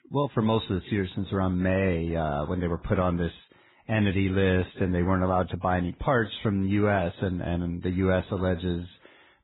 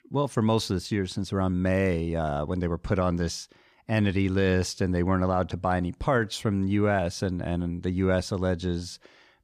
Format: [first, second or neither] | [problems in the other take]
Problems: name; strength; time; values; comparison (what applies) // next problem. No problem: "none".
second | garbled, watery; badly; nothing above 4 kHz